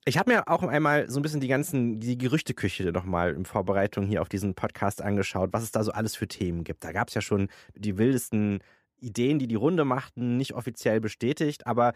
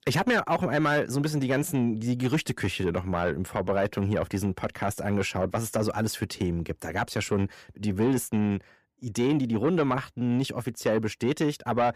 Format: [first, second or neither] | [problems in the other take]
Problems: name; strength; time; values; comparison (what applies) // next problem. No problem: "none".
first | distortion; slight; 10 dB below the speech